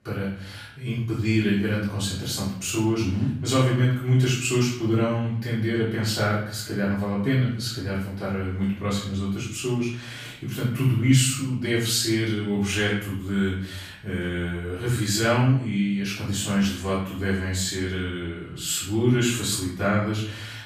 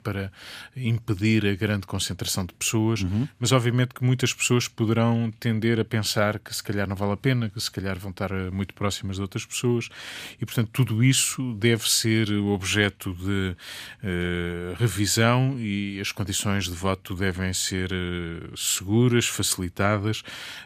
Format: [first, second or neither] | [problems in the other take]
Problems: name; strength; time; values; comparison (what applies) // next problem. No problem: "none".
second | room echo; noticeable; dies away in 0.6 s // off-mic speech; far